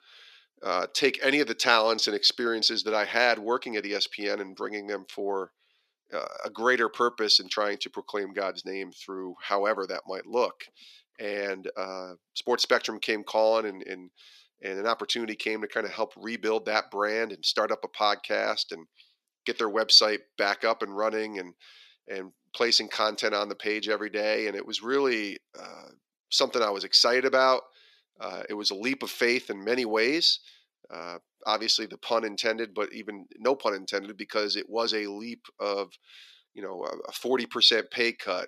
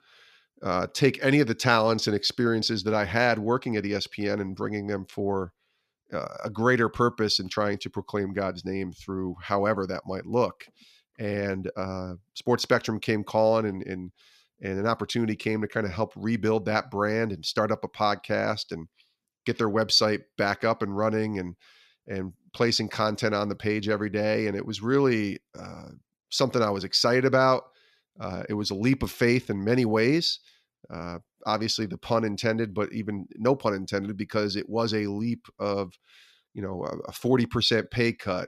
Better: second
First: thin; somewhat; fading below 350 Hz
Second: none

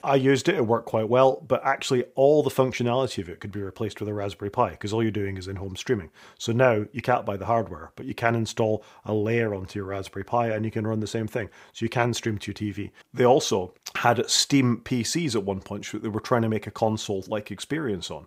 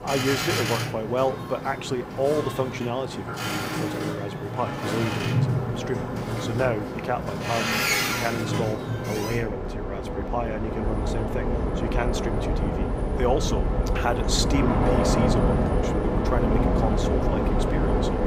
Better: first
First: none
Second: train or aircraft noise; very loud; throughout; 3 dB above the speech

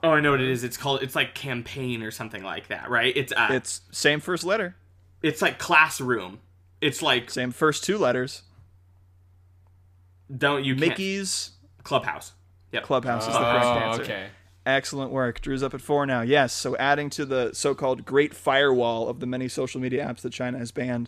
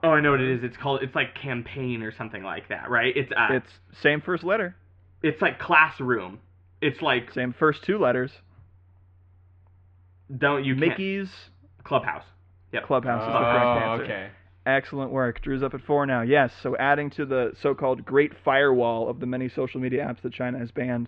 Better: first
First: none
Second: muffled; very; fading above 2.5 kHz

